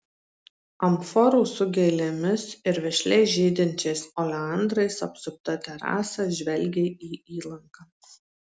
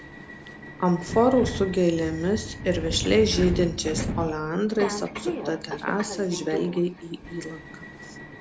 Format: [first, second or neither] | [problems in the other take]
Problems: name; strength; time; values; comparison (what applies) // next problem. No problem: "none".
first | background sound (Subway, metro, underground); 8 dB below the speech